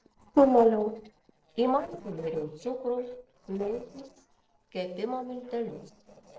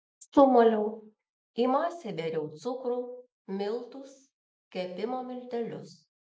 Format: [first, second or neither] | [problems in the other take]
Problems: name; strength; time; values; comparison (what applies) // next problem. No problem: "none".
second | noise reduction (neural separator model SepFormer DNS4)